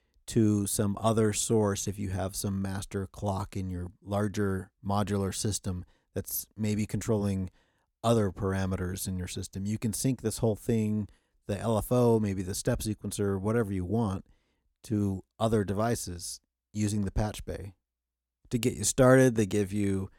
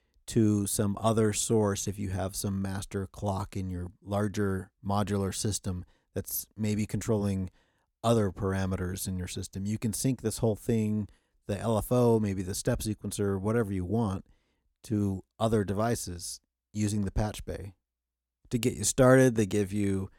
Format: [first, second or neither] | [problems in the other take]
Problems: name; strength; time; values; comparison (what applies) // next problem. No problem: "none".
neither | none